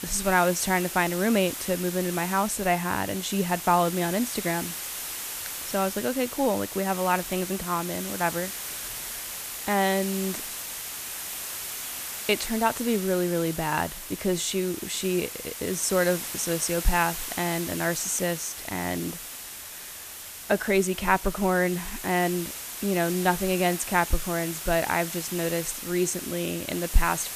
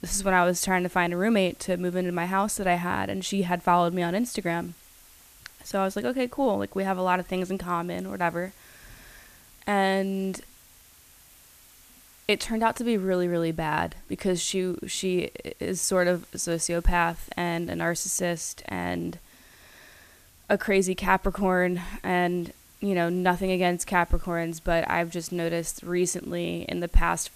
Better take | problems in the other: second | hiss; loud; throughout; 7 dB below the speech; faint in the second

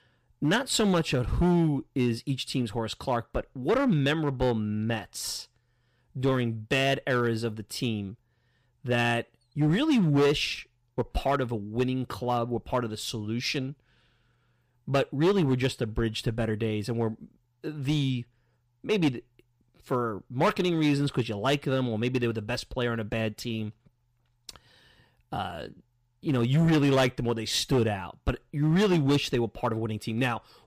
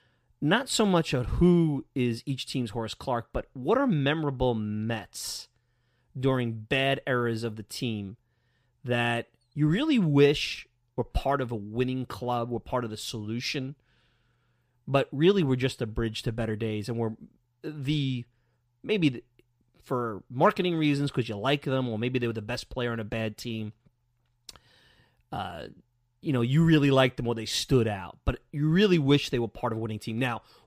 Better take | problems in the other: second | distortion; slight; 4% of the sound clipped

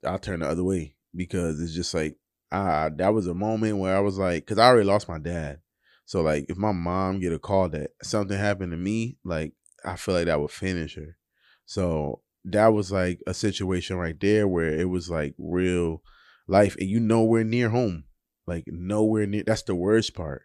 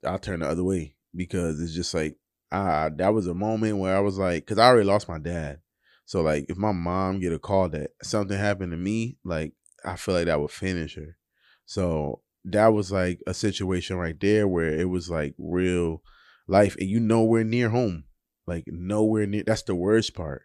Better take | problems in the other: neither | none

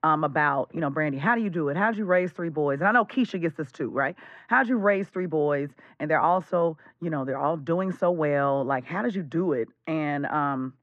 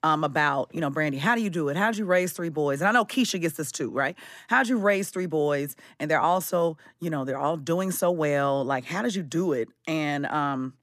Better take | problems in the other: second | muffled; very; fading above 1.5 kHz

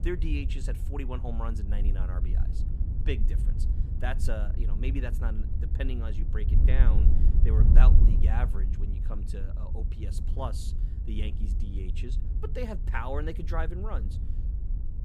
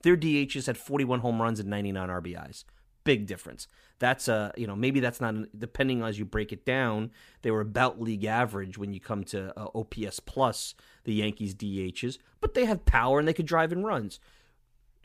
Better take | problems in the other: second | wind noise on the microphone; heavy; 7 dB below the speech

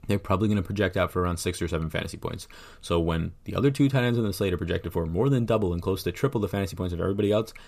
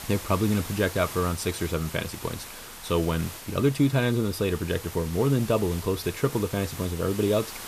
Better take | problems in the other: first | hiss; noticeable; throughout; 10 dB below the speech

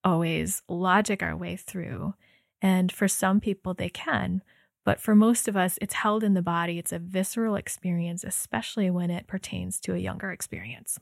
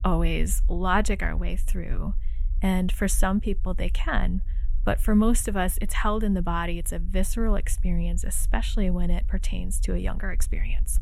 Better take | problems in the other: first | low rumble; faint; throughout; 25 dB below the speech

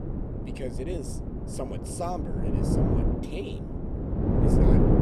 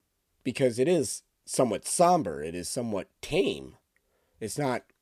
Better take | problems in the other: second | wind noise on the microphone; heavy; 4 dB above the speech

